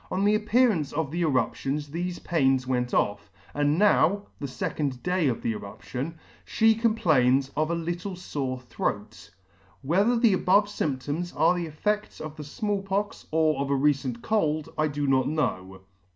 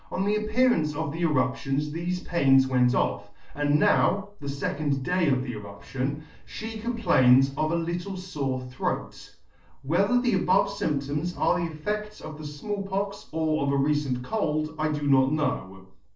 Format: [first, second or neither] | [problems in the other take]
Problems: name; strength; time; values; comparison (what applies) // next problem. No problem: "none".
first | noise reduction (neural separator model SepFormer DNS4)